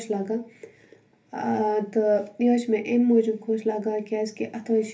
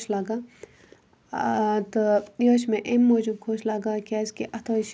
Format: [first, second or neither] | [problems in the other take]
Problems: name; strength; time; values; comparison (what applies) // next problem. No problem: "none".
second | room echo; dies away in 0.3 s